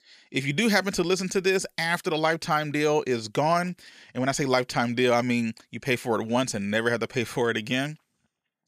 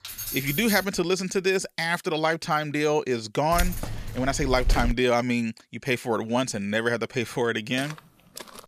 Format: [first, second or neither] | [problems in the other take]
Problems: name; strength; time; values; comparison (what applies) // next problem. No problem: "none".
first | jangling keys; noticeable; at the start and from 3.5 to 5 s; peak 3 dB below the speech // footsteps; faint; at 8 s; peak 15 dB below the speech